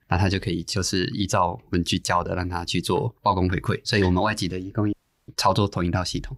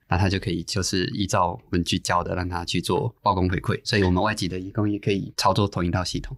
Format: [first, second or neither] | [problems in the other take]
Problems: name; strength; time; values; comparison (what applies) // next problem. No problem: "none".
second | audio cutting out; at 5 s